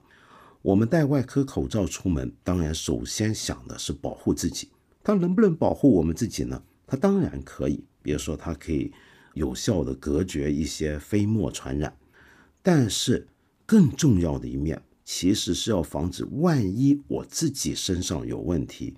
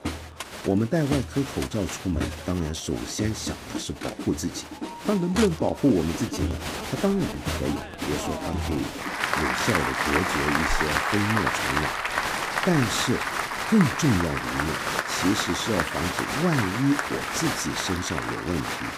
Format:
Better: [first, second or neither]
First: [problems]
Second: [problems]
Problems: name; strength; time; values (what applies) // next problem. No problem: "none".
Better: first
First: none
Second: crowd noise; loud; throughout; 1 dB below the speech